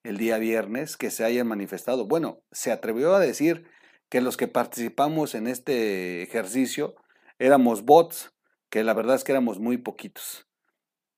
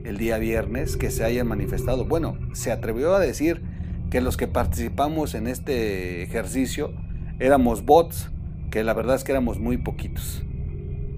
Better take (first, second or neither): first